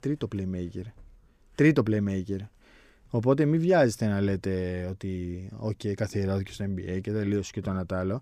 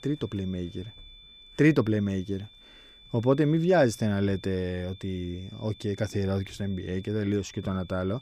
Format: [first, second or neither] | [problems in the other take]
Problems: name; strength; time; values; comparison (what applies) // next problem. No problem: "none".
first | high-pitched whine; faint; throughout; 3.5 kHz, 20 dB below the speech